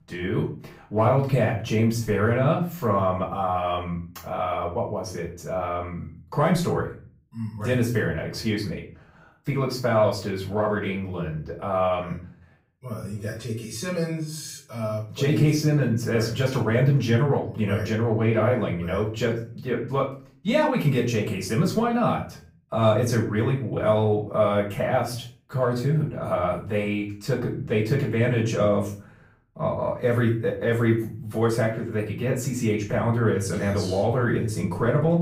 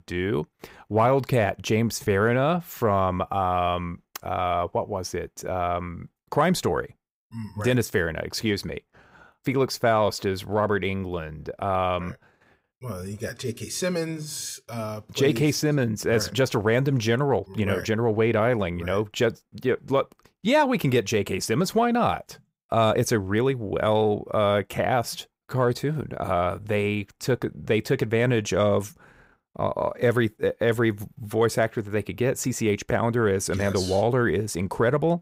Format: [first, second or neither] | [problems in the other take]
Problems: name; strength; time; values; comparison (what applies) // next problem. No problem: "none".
second | off-mic speech; far // room echo; slight; dies away in 0.4 s